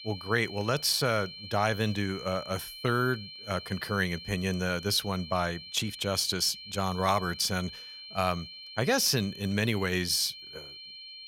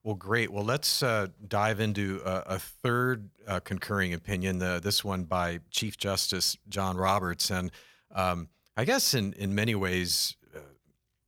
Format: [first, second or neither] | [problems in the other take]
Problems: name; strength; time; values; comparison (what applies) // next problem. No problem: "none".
second | high-pitched whine; noticeable; throughout; 4 kHz, 15 dB below the speech